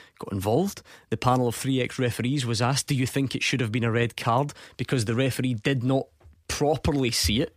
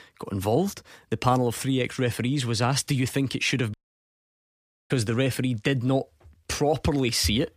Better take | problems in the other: first | audio cutting out; at 3.5 s for 1 s

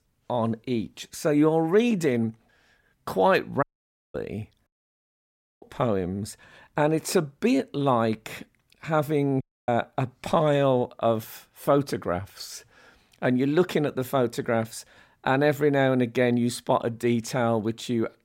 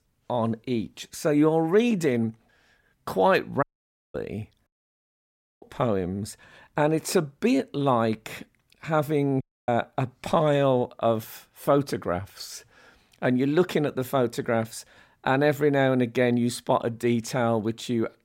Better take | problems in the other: neither | audio cutting out; at 3.5 s for 0.5 s, at 4.5 s for 1 s and at 9.5 s; the same in both

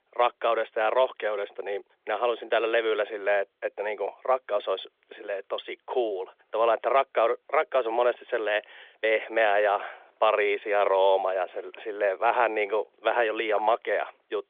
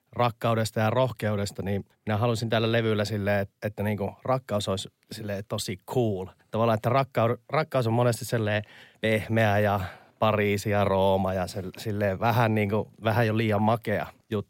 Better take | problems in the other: second | phone-call audio; nothing above 3.5 kHz

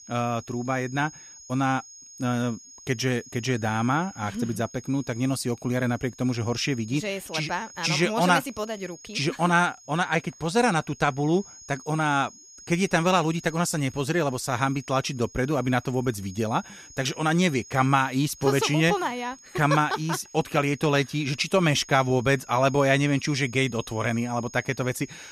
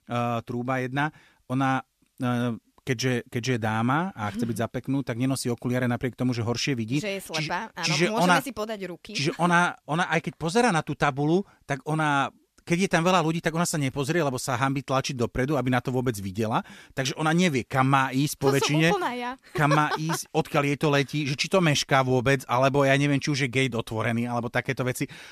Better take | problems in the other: second | high-pitched whine; noticeable; throughout; 6.5 kHz, 20 dB below the speech

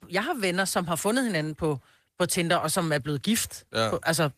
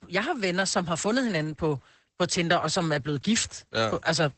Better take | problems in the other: first | garbled, watery; badly; nothing above 8 kHz; slightly in the first

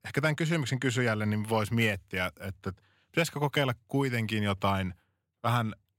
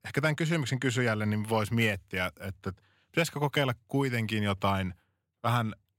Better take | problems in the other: neither | none

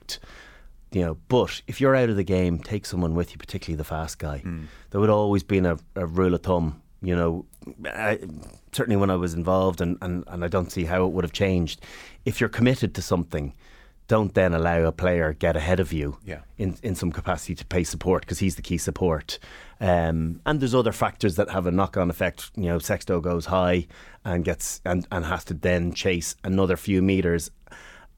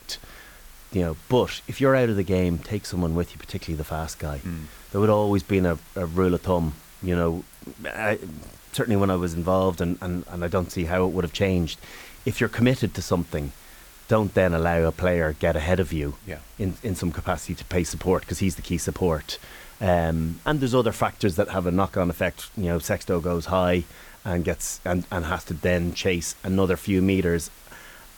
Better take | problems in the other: first | hiss; faint; throughout; 25 dB below the speech

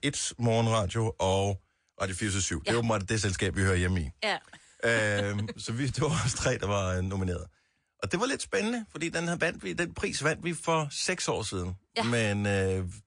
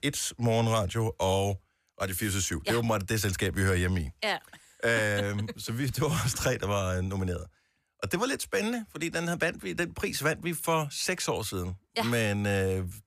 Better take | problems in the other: second | garbled, watery; slightly

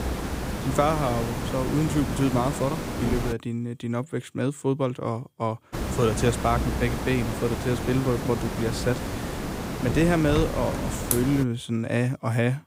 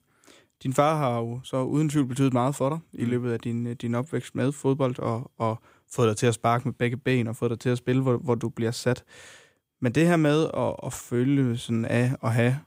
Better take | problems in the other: second | hiss; loud; until 3.5 s and from 5.5 to 11 s; 4 dB below the speech

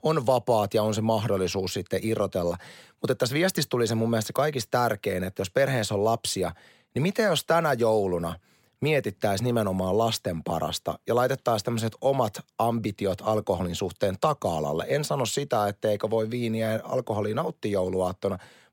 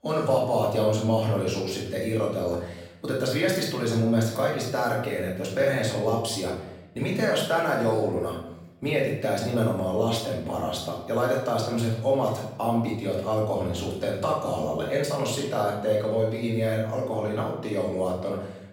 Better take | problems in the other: first | off-mic speech; far // room echo; noticeable; dies away in 0.7 s

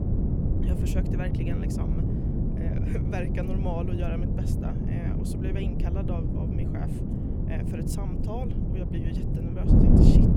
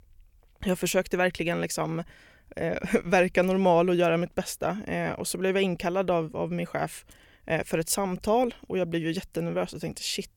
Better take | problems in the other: second | wind noise on the microphone; heavy; 4 dB above the speech

